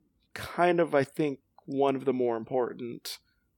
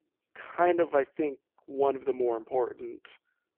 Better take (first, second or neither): first